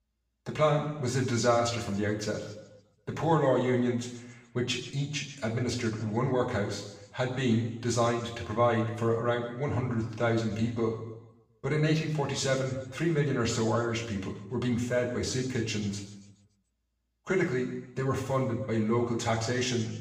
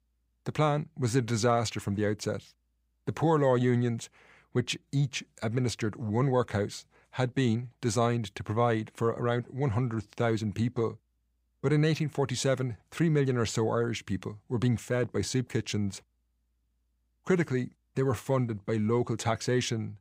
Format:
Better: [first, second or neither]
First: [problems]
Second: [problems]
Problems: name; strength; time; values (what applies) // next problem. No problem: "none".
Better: second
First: room echo; noticeable; dies away in 1 s // off-mic speech; far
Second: none